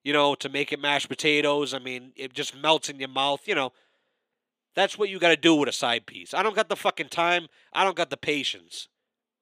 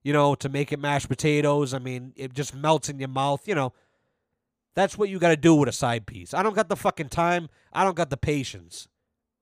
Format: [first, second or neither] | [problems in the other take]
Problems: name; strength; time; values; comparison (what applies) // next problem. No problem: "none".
second | thin; very slightly; fading below 300 Hz